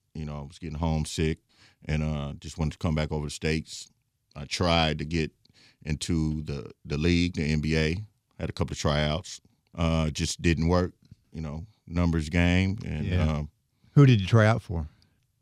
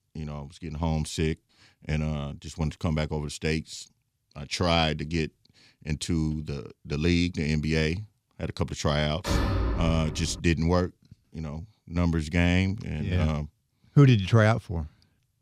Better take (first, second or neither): first